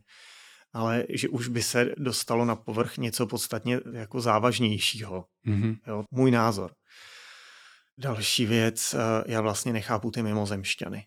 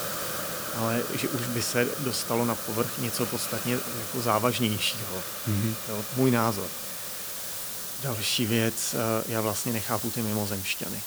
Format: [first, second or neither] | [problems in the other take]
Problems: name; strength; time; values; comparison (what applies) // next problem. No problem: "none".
first | hiss; loud; throughout; 2 dB below the speech